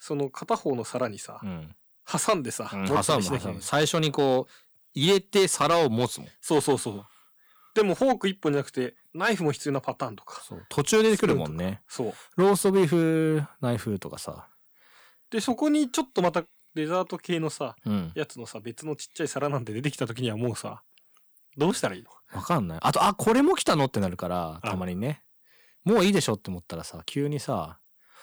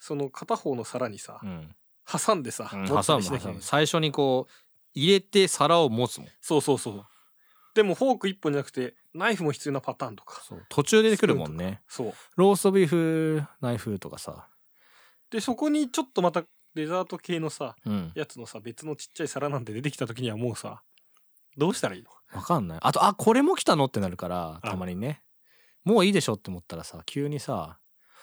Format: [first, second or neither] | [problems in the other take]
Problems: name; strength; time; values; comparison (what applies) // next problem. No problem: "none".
second | distortion; slight; 3% of the sound clipped